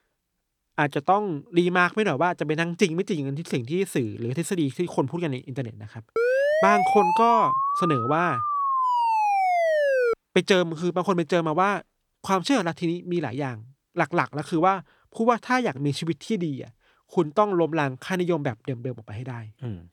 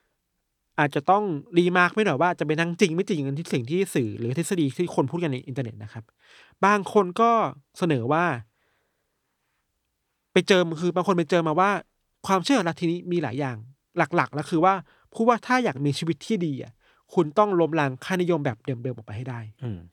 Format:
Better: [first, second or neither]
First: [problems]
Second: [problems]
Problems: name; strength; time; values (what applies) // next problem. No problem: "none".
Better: second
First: siren; loud; from 6 to 10 s; peak 3 dB above the speech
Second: none